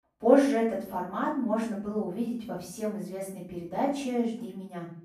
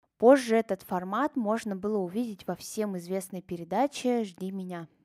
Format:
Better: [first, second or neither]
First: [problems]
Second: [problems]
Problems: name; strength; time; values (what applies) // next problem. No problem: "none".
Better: second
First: off-mic speech; far // room echo; noticeable; dies away in 0.5 s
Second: none